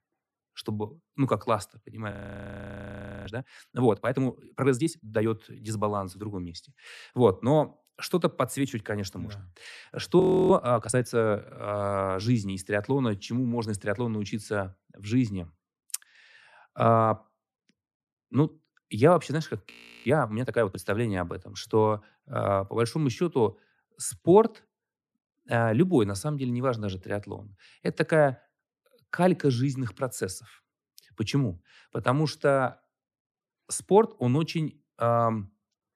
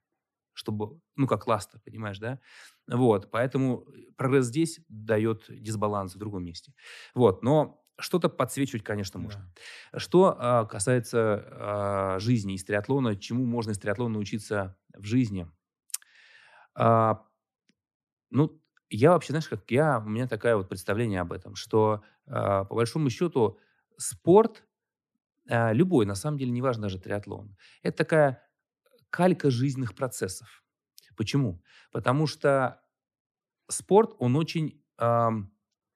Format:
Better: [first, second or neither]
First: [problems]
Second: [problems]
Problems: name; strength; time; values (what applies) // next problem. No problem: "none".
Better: second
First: audio freezing; at 2 s for 1 s, at 10 s and at 20 s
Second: none